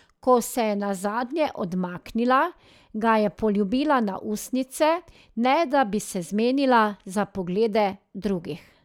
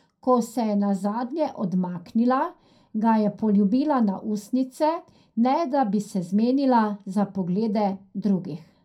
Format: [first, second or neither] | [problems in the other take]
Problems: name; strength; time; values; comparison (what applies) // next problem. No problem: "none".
first | room echo; dies away in 0.2 s